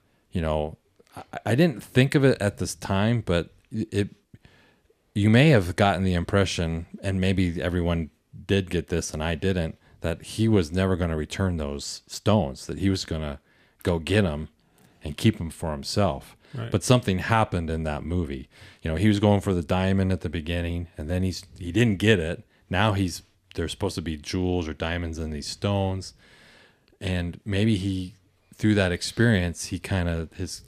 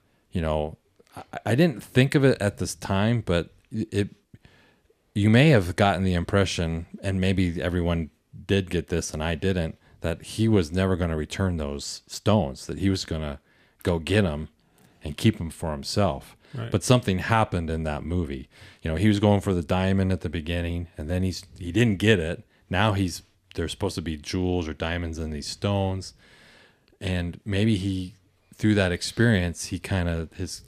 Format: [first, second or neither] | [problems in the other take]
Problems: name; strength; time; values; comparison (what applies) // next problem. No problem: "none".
neither | none